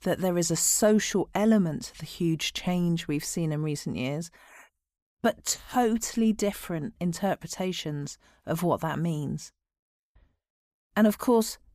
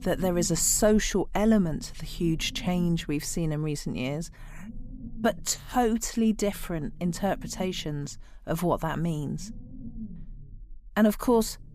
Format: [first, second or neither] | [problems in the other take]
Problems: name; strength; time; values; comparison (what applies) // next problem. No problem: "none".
first | low rumble; faint; throughout; 20 dB below the speech